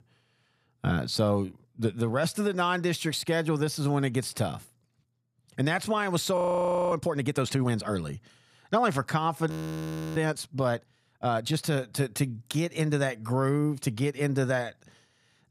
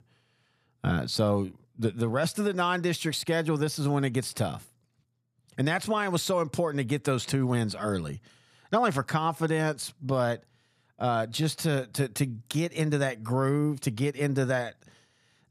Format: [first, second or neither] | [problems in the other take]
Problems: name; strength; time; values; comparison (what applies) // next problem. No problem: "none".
second | audio freezing; at 6.5 s for 0.5 s and at 9.5 s for 0.5 s